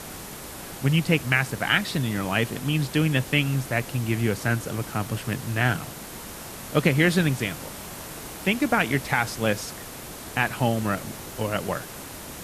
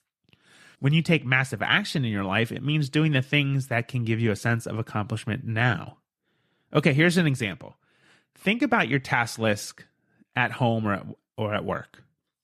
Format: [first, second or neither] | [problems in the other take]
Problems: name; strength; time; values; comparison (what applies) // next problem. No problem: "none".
second | hiss; noticeable; throughout; 10 dB below the speech